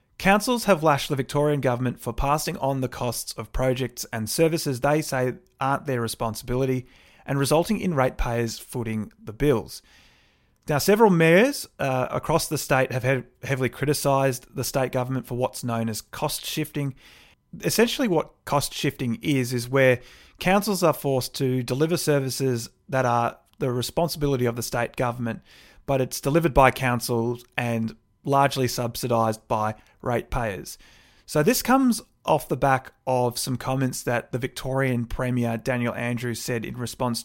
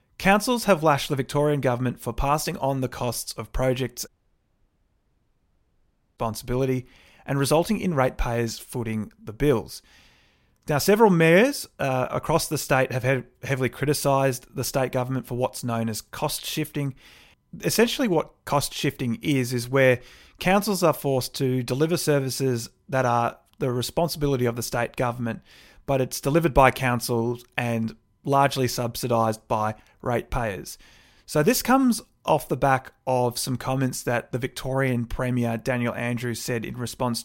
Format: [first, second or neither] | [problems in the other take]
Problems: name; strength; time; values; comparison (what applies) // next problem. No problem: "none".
first | audio cutting out; at 4 s for 2 s